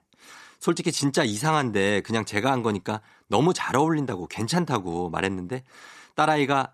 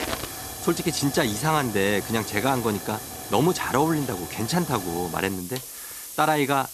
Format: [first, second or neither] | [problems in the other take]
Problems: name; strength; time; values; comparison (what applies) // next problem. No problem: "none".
first | hiss; loud; throughout; 9 dB below the speech